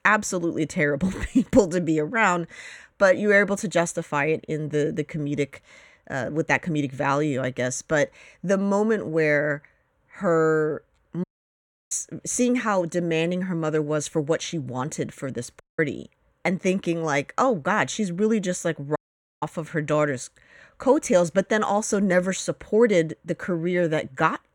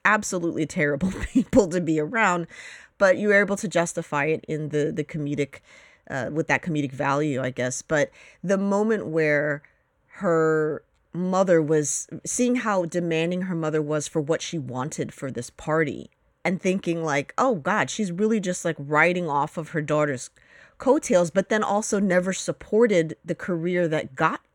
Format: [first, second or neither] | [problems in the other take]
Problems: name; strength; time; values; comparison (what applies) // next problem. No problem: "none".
second | audio cutting out; at 11 s for 0.5 s, at 16 s and at 19 s